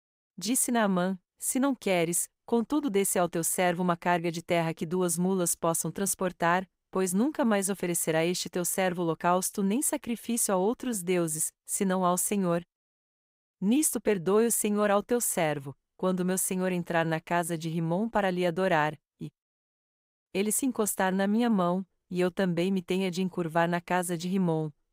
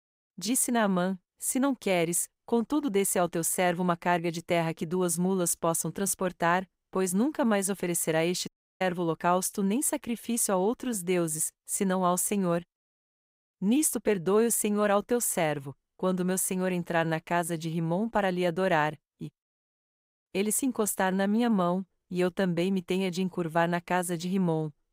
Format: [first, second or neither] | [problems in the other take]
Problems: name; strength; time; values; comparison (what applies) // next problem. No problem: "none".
first | audio cutting out; at 8.5 s